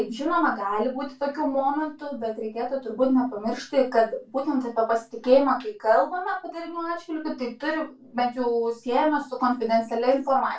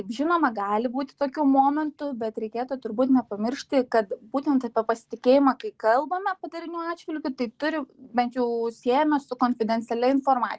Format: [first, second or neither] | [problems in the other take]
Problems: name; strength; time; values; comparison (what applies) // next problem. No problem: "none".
second | room echo; dies away in 0.2 s